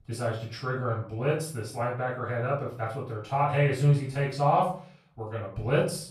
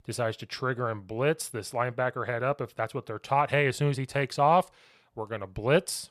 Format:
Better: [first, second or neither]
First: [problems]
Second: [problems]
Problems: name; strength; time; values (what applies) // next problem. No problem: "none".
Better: second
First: off-mic speech; far // room echo; noticeable; dies away in 0.5 s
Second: none